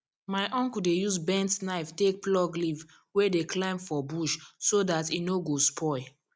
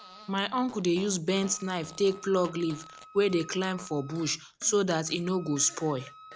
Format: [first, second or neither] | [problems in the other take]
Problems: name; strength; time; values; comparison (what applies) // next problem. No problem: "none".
first | background sound (Wind instrument, woodwind instrument + Fart); 20 dB below the speech